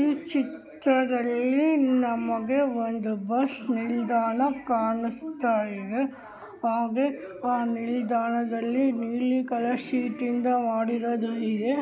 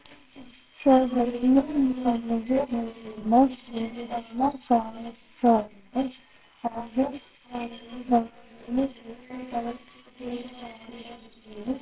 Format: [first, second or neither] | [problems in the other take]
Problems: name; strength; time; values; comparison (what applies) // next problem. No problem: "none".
first | noise reduction (neural separator model SepFormer WHAMR!)